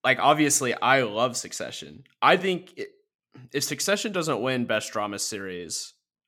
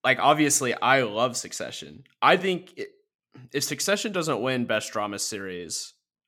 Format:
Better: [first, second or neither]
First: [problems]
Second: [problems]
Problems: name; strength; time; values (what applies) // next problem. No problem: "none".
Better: neither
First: none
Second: none